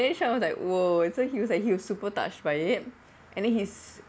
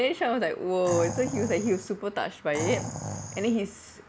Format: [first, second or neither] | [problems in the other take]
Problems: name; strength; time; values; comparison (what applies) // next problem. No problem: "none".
first | background sound (Animal); 8 dB below the speech